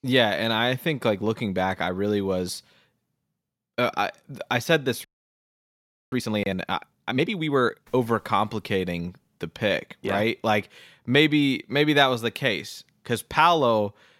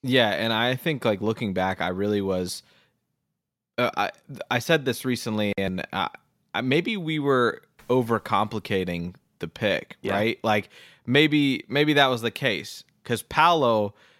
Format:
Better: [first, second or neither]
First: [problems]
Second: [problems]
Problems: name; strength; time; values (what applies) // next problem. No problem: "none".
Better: second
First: audio freezing; at 5 s for 1 s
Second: none